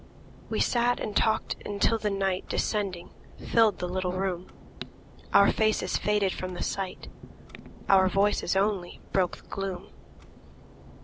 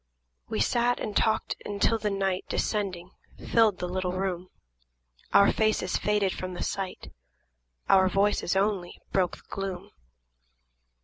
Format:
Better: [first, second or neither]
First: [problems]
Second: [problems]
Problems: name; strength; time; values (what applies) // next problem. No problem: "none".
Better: second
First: background sound (Clock); 18 dB below the speech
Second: none